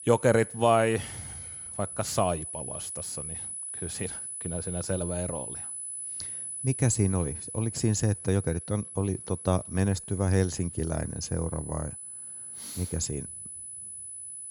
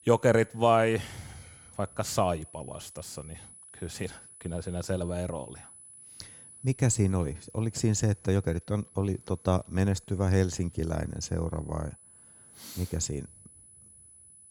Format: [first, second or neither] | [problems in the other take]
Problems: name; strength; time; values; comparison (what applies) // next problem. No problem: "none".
second | high-pitched whine; loud; throughout; 10 kHz, 8 dB below the speech; faint in the second